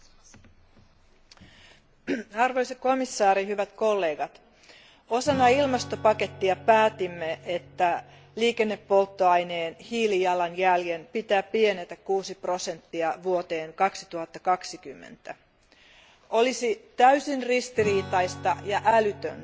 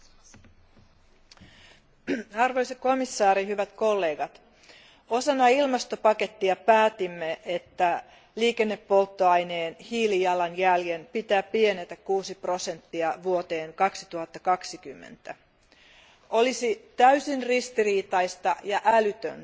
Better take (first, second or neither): second